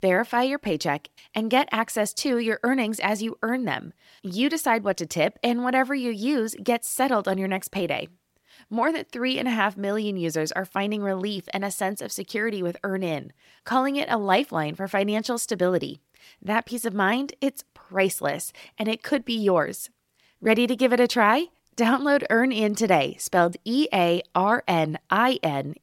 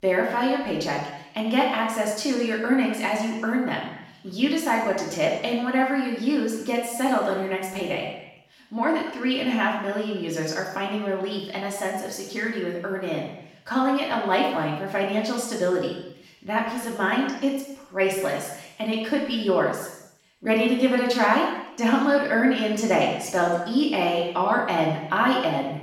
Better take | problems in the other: first | room echo; noticeable; dies away in 0.9 s // off-mic speech; far

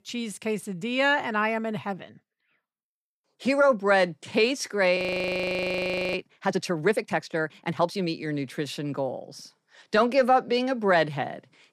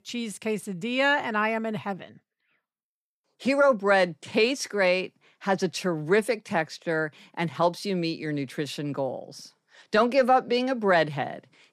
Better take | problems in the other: second | audio freezing; at 5 s for 1 s

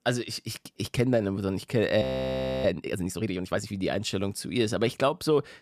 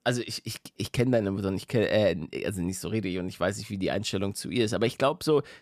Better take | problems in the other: second | audio freezing; at 2 s for 0.5 s

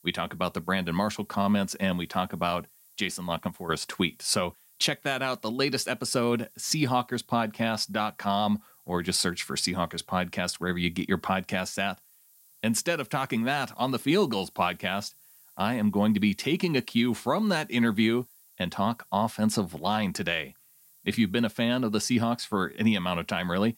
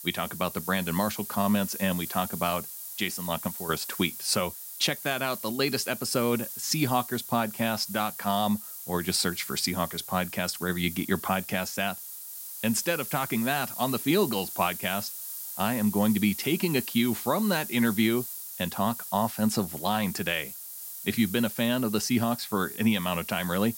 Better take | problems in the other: first | hiss; loud; throughout; 8 dB below the speech; faint in the first

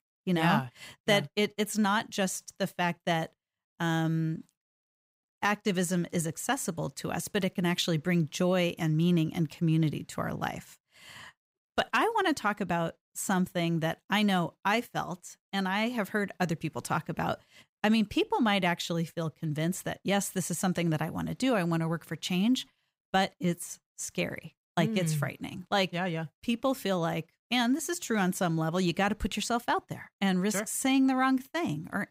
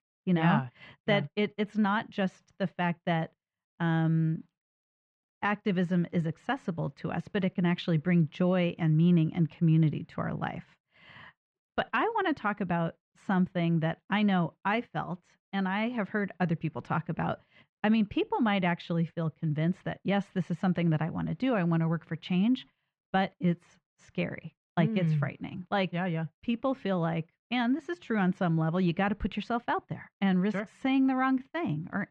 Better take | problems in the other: first | muffled; very; fading above 3 kHz

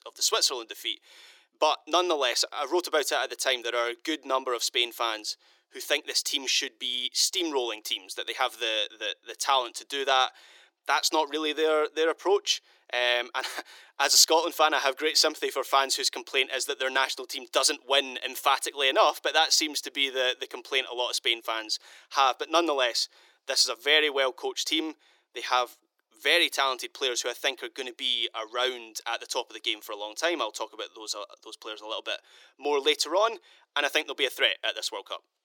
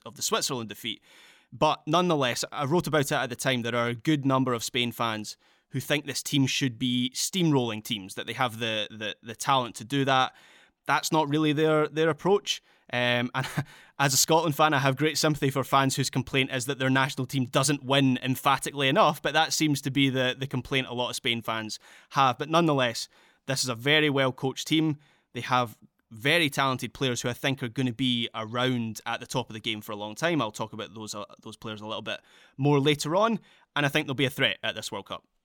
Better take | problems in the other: second | thin; very; fading below 350 Hz

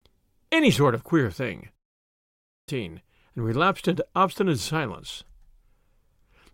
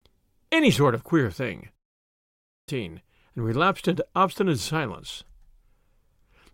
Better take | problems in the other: neither | audio cutting out; at 2 s for 1 s; the same in both

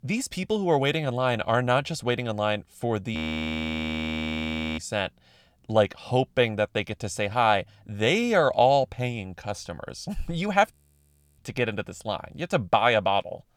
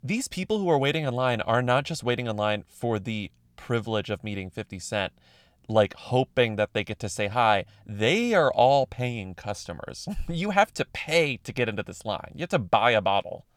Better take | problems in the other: second | audio freezing; at 3 s for 1.5 s and at 11 s for 0.5 s

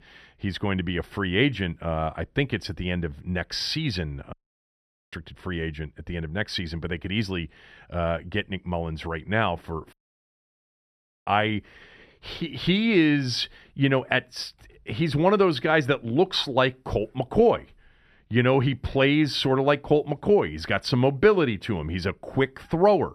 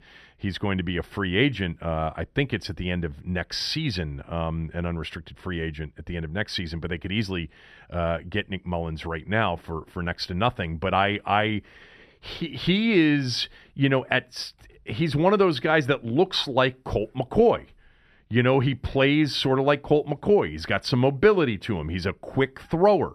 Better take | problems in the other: second | audio cutting out; at 4.5 s for 1 s and at 10 s for 1.5 s

